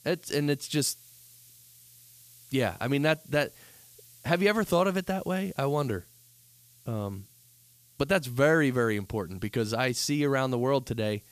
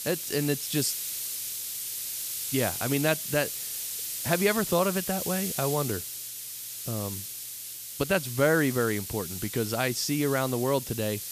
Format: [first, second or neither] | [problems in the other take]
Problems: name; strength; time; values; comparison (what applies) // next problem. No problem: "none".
first | hiss; loud; throughout; 4 dB below the speech; faint in the first